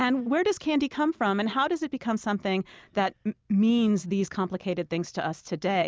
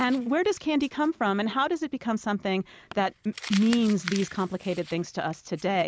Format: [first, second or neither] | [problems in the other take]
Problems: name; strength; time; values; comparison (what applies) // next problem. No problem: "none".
first | background sound (Crumpling, crinkling); 17 dB below the speech